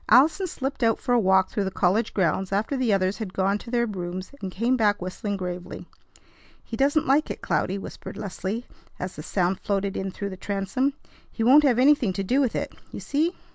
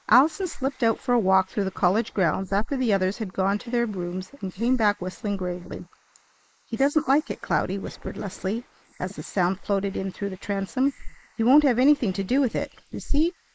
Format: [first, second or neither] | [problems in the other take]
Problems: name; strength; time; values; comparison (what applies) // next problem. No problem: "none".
first | noise reduction (neural mask model Resemble Enhance denoiser)